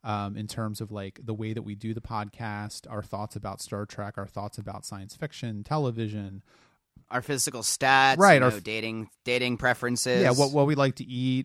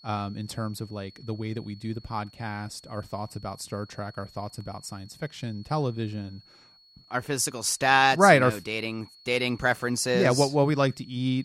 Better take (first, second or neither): first